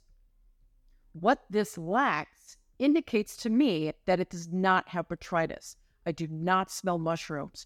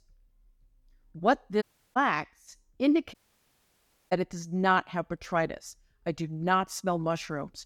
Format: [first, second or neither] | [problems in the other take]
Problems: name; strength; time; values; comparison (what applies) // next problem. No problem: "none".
first | audio cutting out; at 1.5 s and at 3 s for 1 s